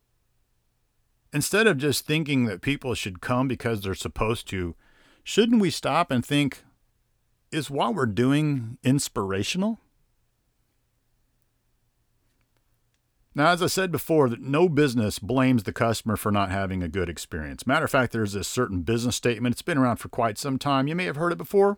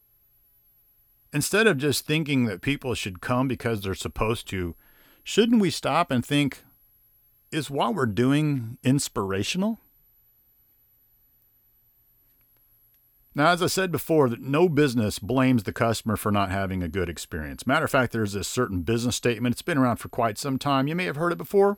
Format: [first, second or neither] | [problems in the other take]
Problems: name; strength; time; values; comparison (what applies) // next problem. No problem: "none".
first | high-pitched whine; faint; throughout; 11.5 kHz, 35 dB below the speech